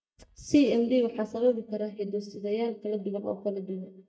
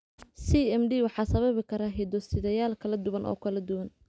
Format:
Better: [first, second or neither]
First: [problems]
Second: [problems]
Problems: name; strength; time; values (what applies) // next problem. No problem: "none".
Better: second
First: noise reduction (neural mask model DeepFilterNet 3)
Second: none